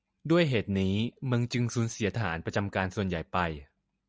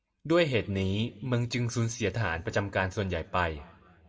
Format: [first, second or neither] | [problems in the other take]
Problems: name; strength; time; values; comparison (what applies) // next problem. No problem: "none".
first | room echo; dies away in 1.1 s